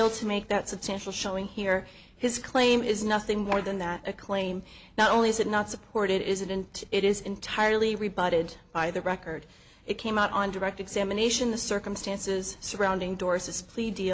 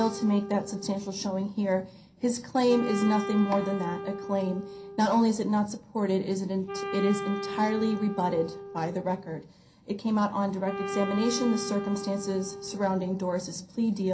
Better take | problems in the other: first | background sound (Wind instrument, woodwind instrument); 10 dB below the speech // room echo; dies away in 0.3 s

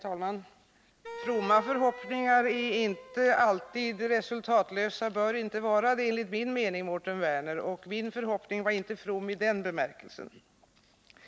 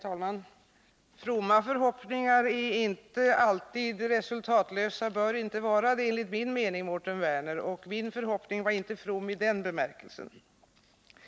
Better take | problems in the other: second | background sound (Wind instrument, woodwind instrument); 15 dB below the speech

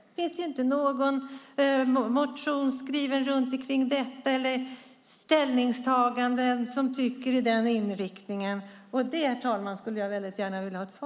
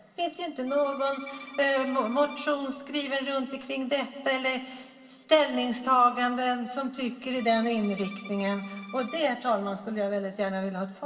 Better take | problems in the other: first | background sound (Bowed string instrument); 18 dB below the speech // room echo; dies away in 2.1 s

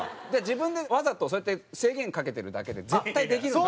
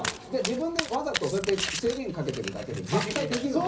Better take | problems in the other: first | background sound (Domestic sounds, home sounds); 6 dB below the speech // room echo; dies away in 0.5 s

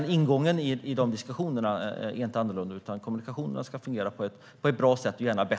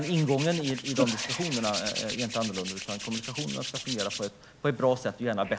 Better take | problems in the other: first | background sound (Hands); 6 dB below the speech

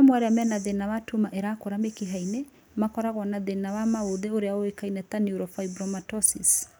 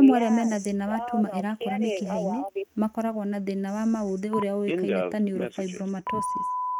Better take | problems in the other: first | noise reduction (neural mask model RNNoise)

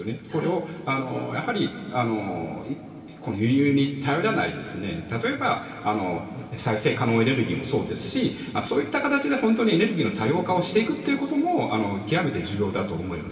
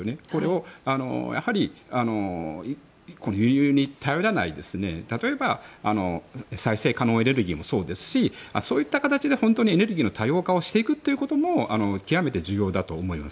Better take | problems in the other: second | background sound (Keyboard (musical)); 16 dB below the speech // room echo; dies away in 2.9 s

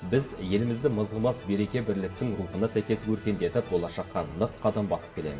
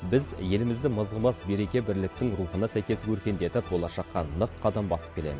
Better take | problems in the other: second | room echo; dies away in 0.5 s

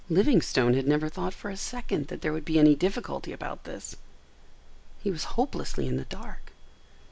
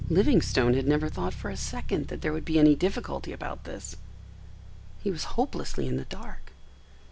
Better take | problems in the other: first | background sound (Bass guitar); 11 dB below the speech

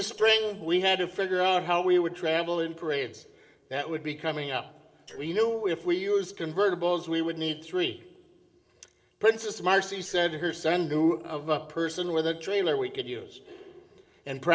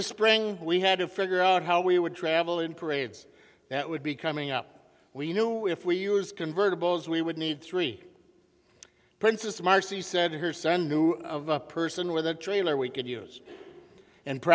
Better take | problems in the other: second | noise reduction (neural separator model SepFormer DNS4)

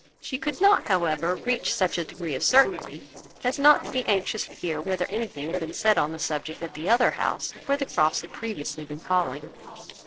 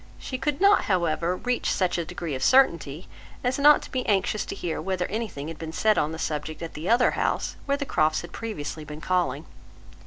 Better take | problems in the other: second | noise reduction (neural separator model SepFormer DNS4)

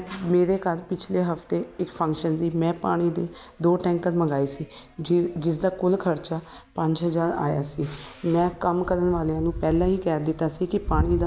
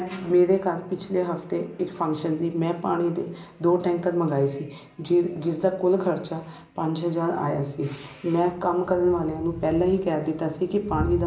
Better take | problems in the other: first | room echo; dies away in 0.5 s

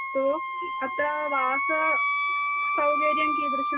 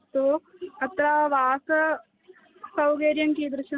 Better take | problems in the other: second | background sound (Wind instrument, woodwind instrument); 3 dB above the speech // room echo; dies away in 0.2 s

